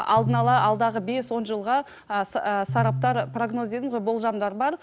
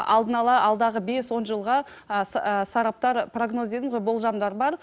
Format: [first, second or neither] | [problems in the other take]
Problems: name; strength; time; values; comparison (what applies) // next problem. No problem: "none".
second | background sound (Piano); 8 dB below the speech